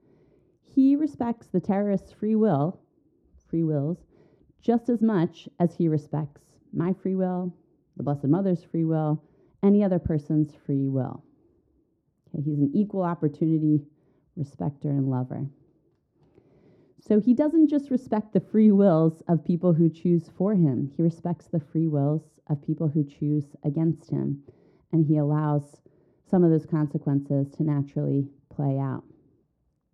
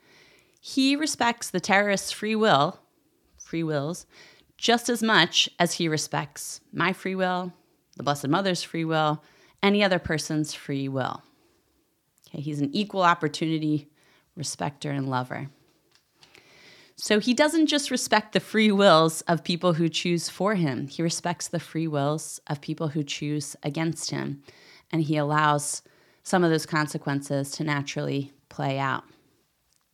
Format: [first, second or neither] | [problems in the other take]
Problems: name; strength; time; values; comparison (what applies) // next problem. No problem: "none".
second | muffled; very; fading above 1 kHz